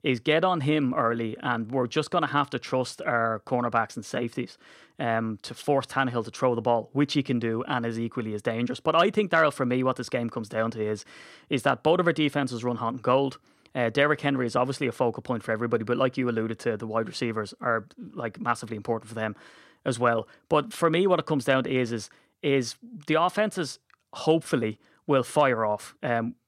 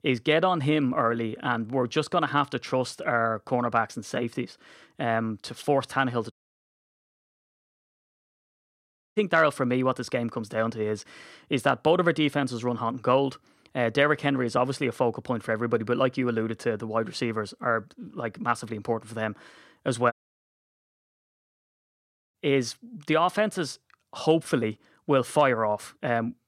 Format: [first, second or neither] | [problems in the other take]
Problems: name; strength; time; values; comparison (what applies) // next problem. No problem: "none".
first | audio cutting out; at 6.5 s for 3 s and at 20 s for 2 s